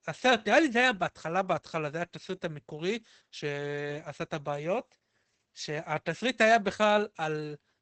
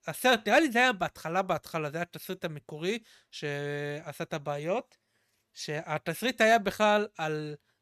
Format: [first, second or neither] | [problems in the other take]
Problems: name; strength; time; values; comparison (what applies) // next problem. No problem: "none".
second | garbled, watery; badly; nothing above 8 kHz